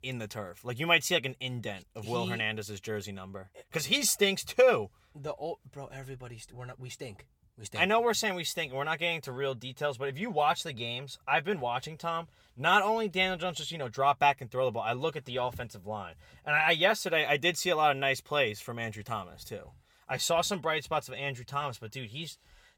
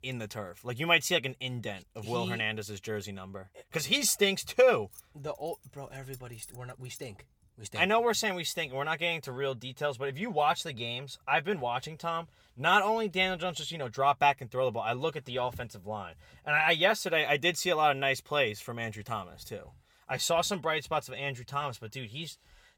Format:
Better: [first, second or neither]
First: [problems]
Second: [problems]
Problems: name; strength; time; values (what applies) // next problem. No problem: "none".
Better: first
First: none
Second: jangling keys; faint; from 5 to 7 s; peak 15 dB below the speech